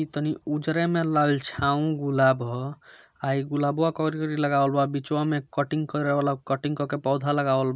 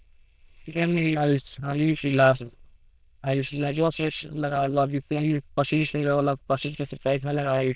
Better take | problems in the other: first | noise reduction (neural diffusion model UNIVERSE++)

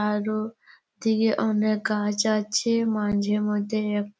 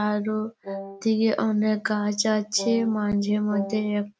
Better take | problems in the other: first | background sound (Wind instrument, woodwind instrument); 12 dB below the speech

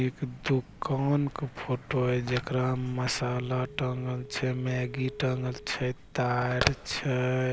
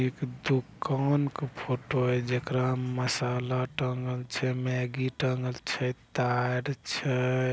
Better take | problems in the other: second | background sound (Telephone); 12 dB below the speech

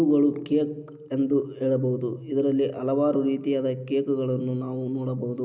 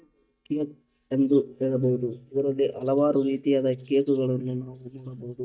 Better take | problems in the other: first | noise reduction (neural mask model DeepFilterNet 3)

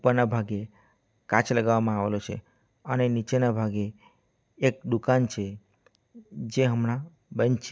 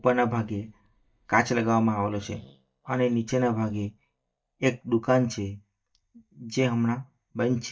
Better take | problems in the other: first | noise reduction (neural mask model DeepFilterNet 3)

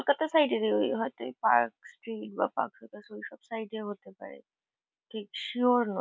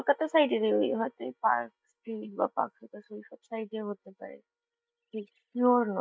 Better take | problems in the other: first | noise reduction (neural mask model DeepFilterNet 3)

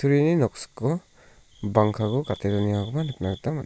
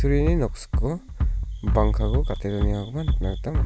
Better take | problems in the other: first | background sound (Bass drum); 3 dB above the speech

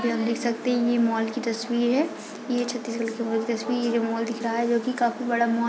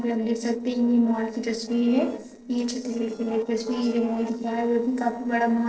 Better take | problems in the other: first | noise reduction (neural separator model SepFormer DNS4)

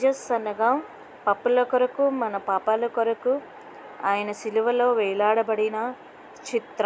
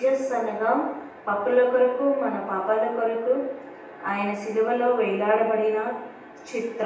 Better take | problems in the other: first | room echo; dies away in 0.9 s

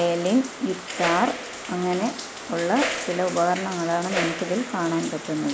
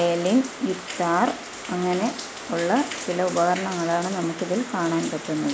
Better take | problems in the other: second | background sound (Whoosh, swoosh, swish); 8 dB below the speech

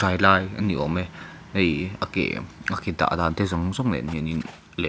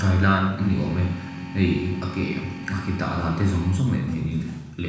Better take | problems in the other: first | background sound (Organ); 13 dB below the speech // room echo; dies away in 1.1 s

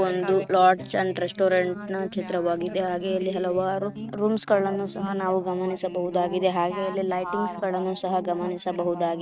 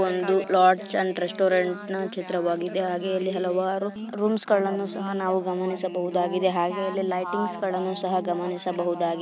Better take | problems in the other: second | noise reduction (neural mask model RNNoise)

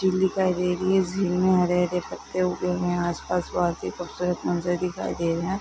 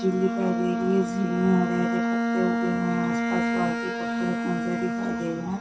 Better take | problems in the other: first | background sound (Bowed string instrument); 1 dB above the speech // room echo; dies away in 0.2 s

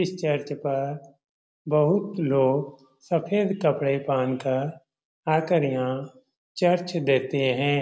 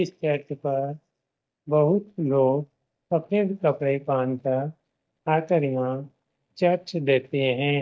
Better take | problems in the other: first | noise reduction (neural mask model DeepFilterNet 3)

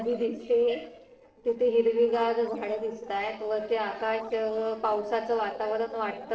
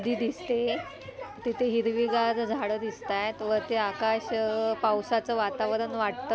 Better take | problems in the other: second | noise reduction (neural separator model SepFormer DNS4)

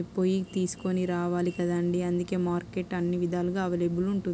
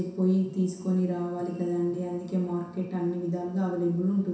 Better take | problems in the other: first | background sound (Telephone); 19 dB below the speech // room echo; dies away in 0.7 s

